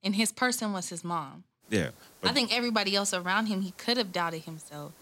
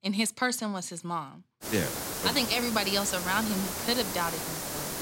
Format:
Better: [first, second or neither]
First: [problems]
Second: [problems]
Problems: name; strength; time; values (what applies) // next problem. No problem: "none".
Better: first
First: hiss; faint; from 1.5 s on; 25 dB below the speech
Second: hiss; loud; from 1.5 s on; 4 dB below the speech